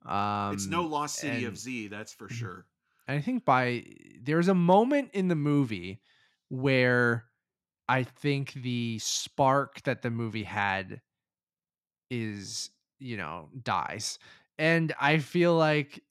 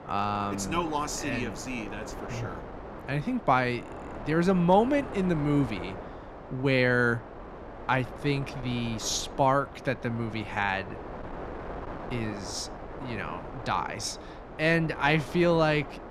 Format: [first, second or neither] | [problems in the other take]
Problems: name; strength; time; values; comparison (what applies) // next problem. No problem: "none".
first | wind noise on the microphone; occasional gusts; 15 dB below the speech